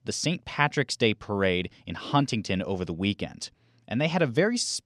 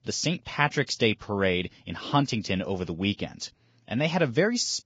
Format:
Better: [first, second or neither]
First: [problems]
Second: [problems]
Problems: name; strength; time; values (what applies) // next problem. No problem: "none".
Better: first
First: none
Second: garbled, watery; badly; nothing above 7.5 kHz